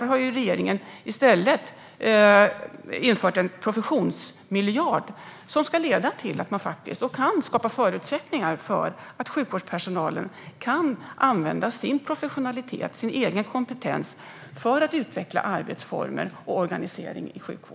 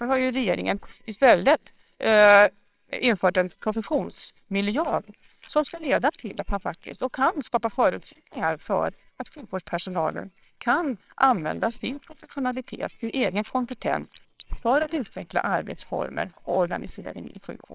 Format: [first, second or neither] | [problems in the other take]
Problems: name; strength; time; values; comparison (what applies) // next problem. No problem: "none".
first | noise reduction (neural separator model SepFormer WHAMR!)